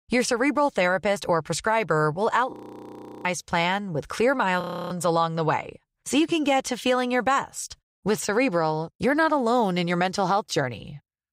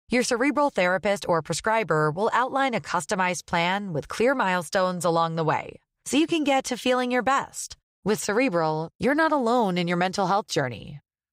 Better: second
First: audio freezing; at 2.5 s for 0.5 s and at 4.5 s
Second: none

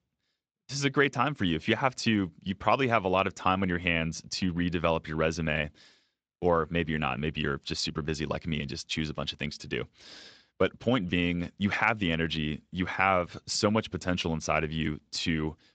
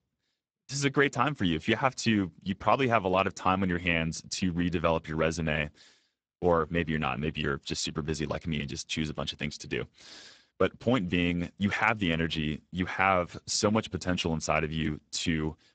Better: first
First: garbled, watery; slightly; nothing above 8 kHz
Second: garbled, watery; badly; nothing above 8 kHz

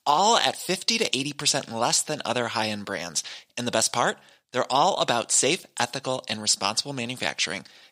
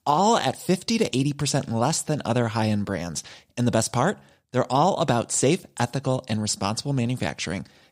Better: second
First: thin; somewhat; fading below 700 Hz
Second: none

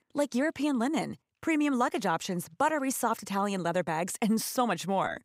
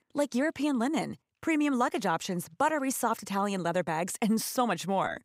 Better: neither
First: none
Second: none

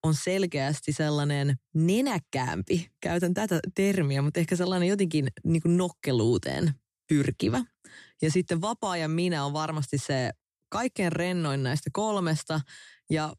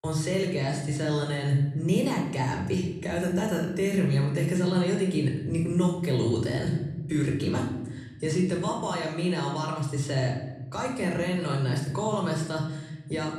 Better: first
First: none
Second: room echo; noticeable; dies away in 1 s // off-mic speech; somewhat distant

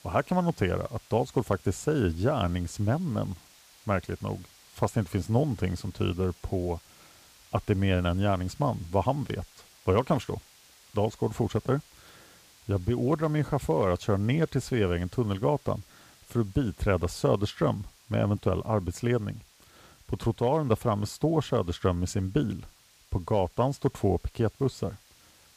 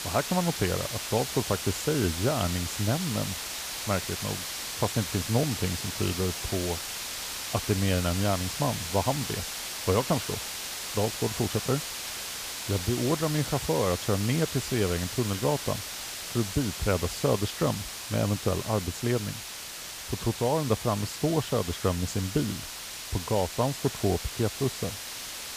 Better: first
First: hiss; faint; throughout; 25 dB below the speech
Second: hiss; loud; throughout; 4 dB below the speech

